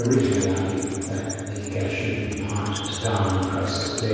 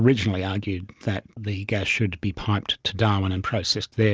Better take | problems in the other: second | background sound (Wild animals); 14 dB below the speech // room echo; dies away in 2.2 s

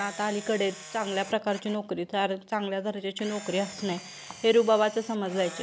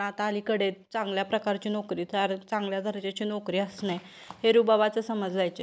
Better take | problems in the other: second | background sound (Camera); 17 dB below the speech

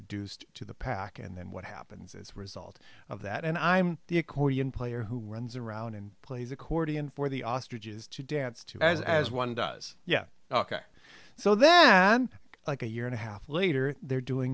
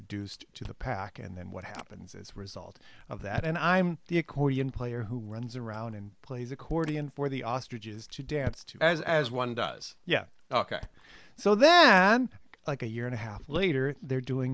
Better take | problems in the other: first | noise reduction (neural mask model Resemble Enhance denoiser)

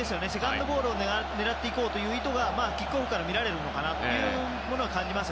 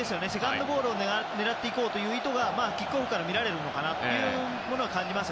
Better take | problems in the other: second | background sound (Musical instrument); 12 dB below the speech

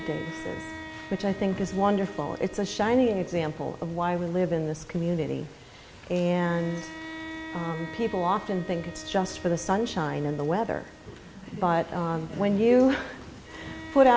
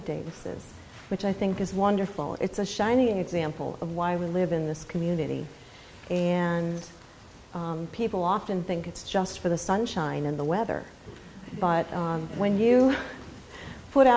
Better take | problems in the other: second | background sound (Bowed string instrument); 17 dB below the speech

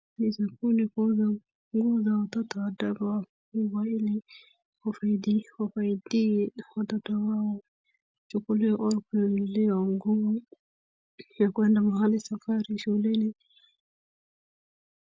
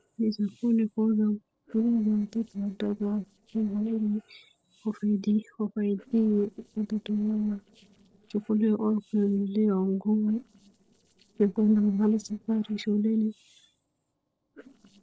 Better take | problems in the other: first | noise reduction (neural separator model SepFormer DNS4)

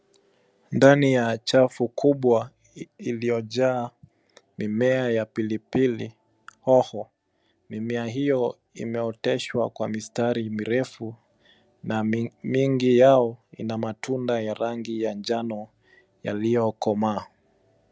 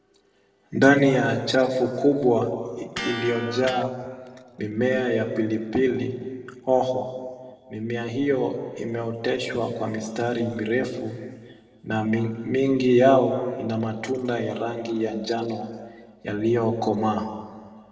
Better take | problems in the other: first | background sound (Electric guitar); 12 dB below the speech // room echo; dies away in 1.6 s

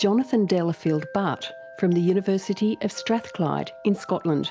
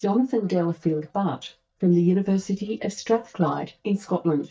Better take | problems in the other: first | noise reduction (neural mask model DeepFilterNet 3)

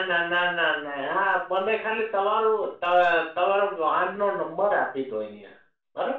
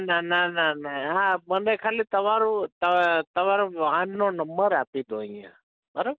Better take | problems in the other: second | room echo; dies away in 0.3 s

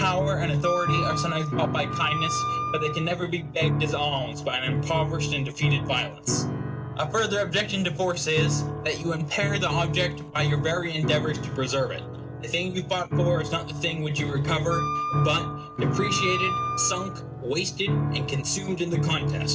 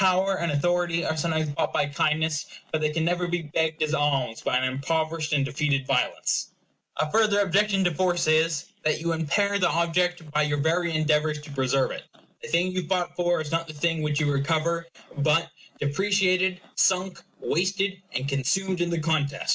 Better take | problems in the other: second | background sound (Wind instrument, woodwind instrument + Piano); 1 dB below the speech

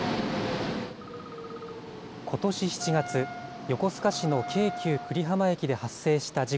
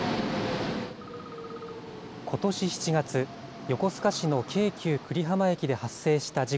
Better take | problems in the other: second | background sound (Wind instrument, woodwind instrument); 11 dB below the speech

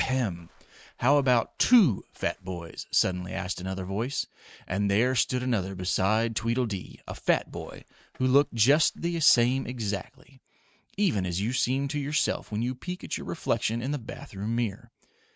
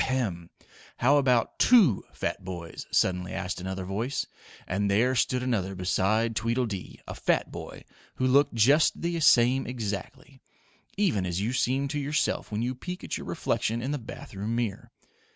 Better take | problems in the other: second | noise reduction (neural mask model RNNoise)

